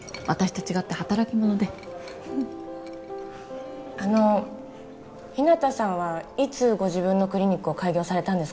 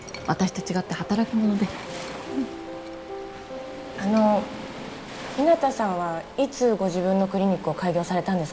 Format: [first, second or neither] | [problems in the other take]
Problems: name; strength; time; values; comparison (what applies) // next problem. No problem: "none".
first | background sound (Waves, surf); 16 dB below the speech